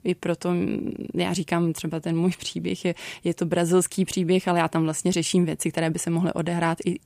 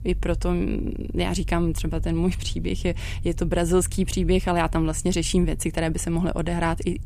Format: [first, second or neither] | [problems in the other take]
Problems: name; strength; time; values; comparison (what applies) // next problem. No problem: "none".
first | low rumble; faint; throughout; 25 dB below the speech